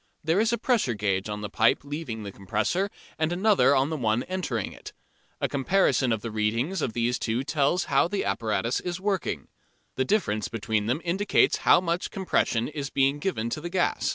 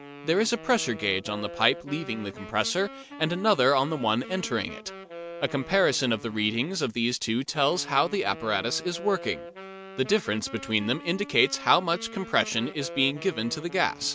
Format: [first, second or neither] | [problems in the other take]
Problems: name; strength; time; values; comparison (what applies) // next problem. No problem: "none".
first | background sound (Wind instrument, woodwind instrument); 15 dB below the speech